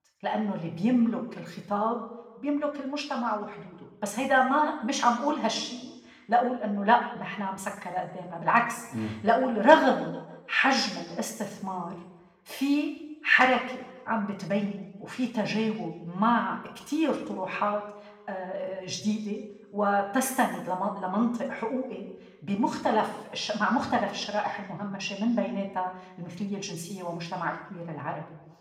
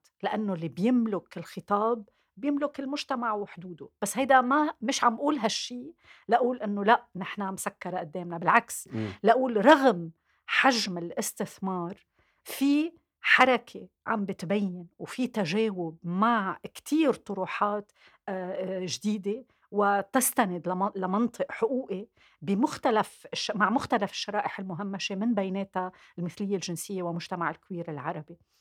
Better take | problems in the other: second | room echo; noticeable; dies away in 0.9 s // off-mic speech; somewhat distant

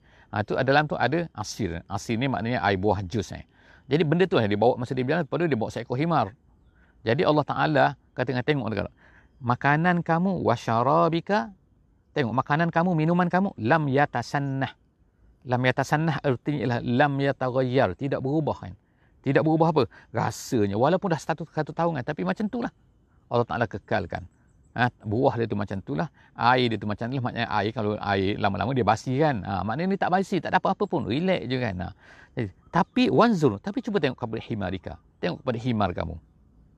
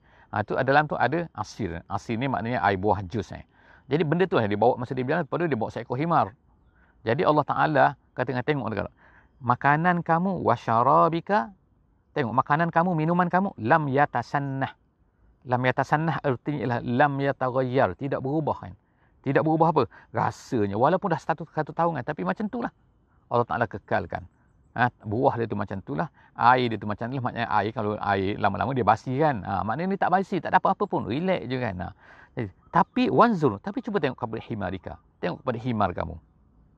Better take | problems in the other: first | muffled; slightly; fading above 1.5 kHz

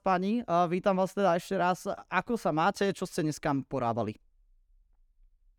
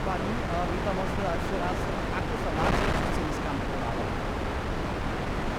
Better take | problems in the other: first | wind noise on the microphone; heavy; 4 dB above the speech

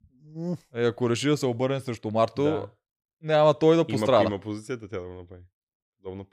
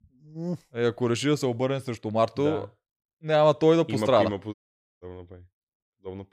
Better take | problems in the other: first | audio cutting out; at 4.5 s

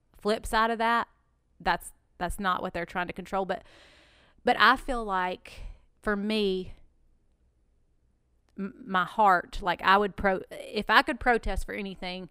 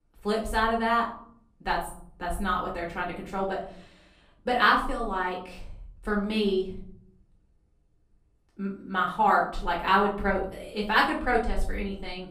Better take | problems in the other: first | off-mic speech; far // room echo; slight; dies away in 0.7 s

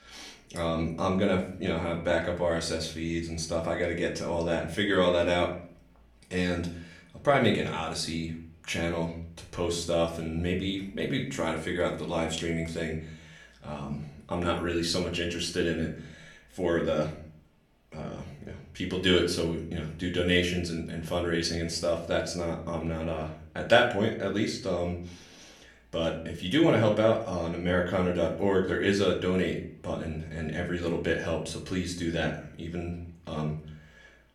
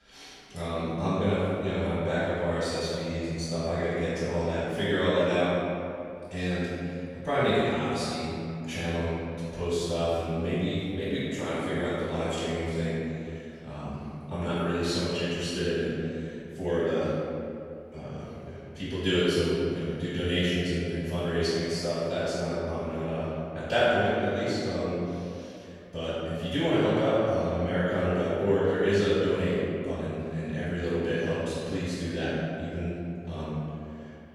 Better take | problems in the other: first | room echo; strong; dies away in 2.4 s; slight in the first // off-mic speech; far; somewhat distant in the first

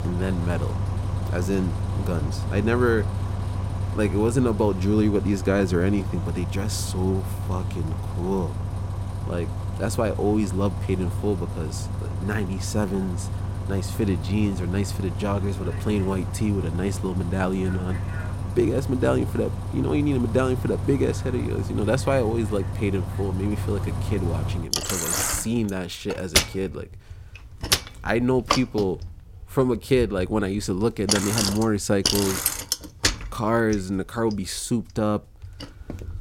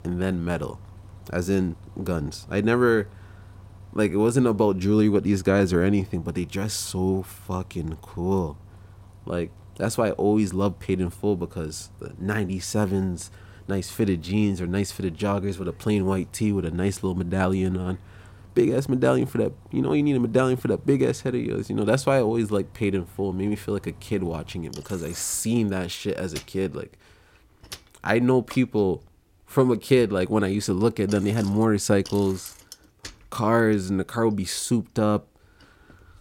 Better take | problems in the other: second | traffic noise; loud; throughout; 2 dB below the speech; faint in the second

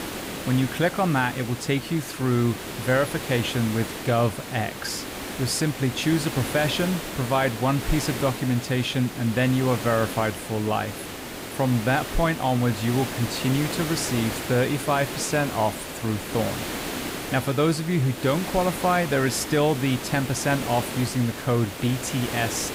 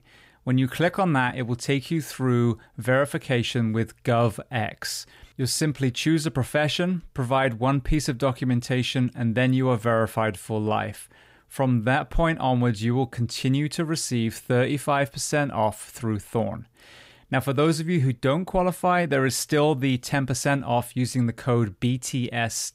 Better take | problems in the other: second | hiss; loud; throughout; 7 dB below the speech

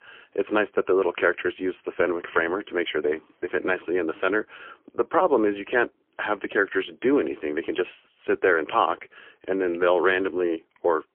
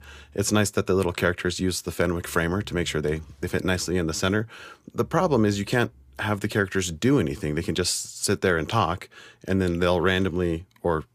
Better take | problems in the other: second | phone-call audio; poor line; nothing above 3.5 kHz

